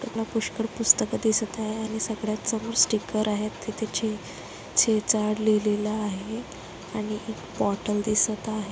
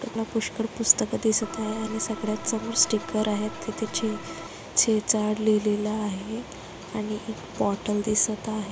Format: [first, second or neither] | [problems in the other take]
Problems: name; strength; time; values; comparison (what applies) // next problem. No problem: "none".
first | background sound (Organ); 13 dB below the speech